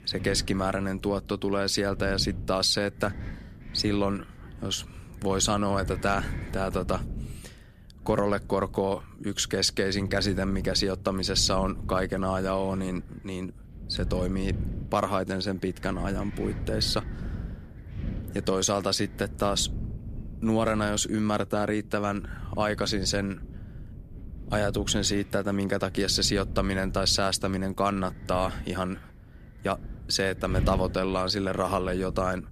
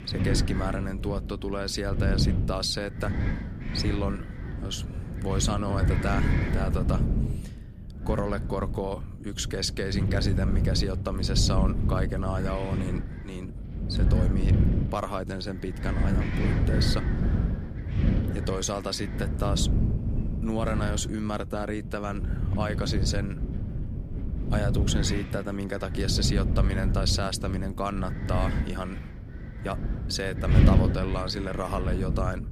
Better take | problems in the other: first | wind noise on the microphone; heavy; 6 dB below the speech; occasional gusts in the first

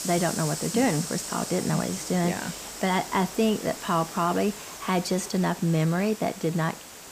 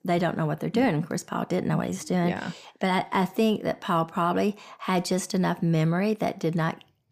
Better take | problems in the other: second | hiss; loud; throughout; 9 dB below the speech

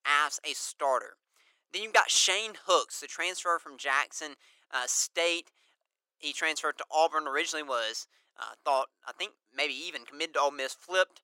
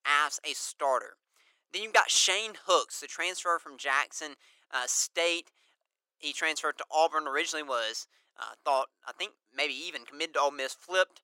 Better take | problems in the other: neither | thin; very; fading below 400 Hz; the same in both

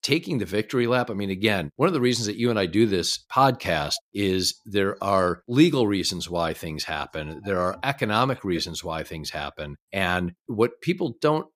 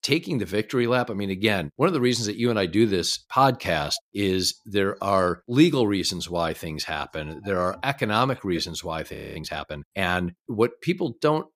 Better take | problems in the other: first | audio freezing; at 9 s

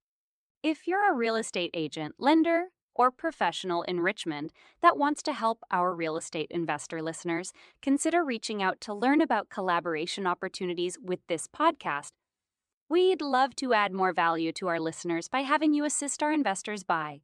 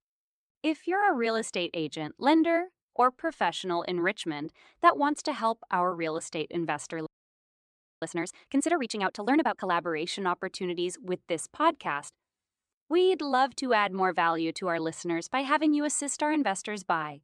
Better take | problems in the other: first | audio freezing; at 7 s for 1 s

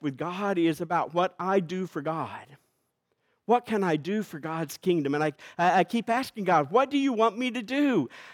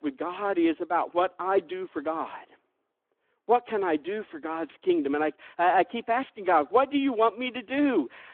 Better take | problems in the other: first | phone-call audio

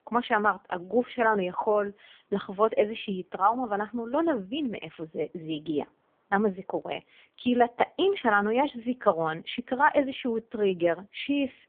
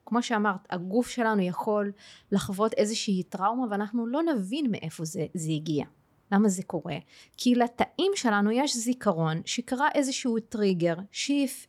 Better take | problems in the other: second | phone-call audio; poor line

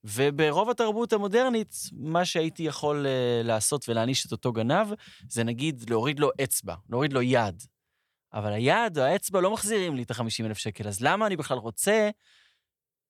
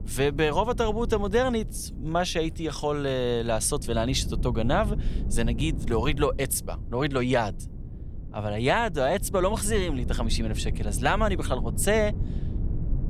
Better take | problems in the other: first | low rumble; noticeable; throughout; 20 dB below the speech

